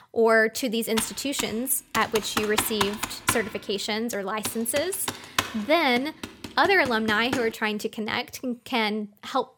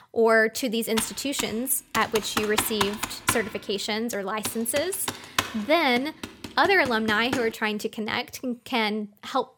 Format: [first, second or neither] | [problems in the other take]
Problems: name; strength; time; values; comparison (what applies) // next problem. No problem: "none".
neither | keyboard typing; noticeable; from 1 to 7.5 s; peak 1 dB below the speech; the same in both